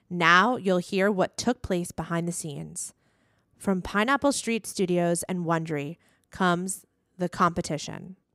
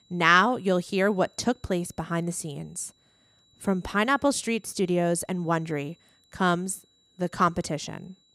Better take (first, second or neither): first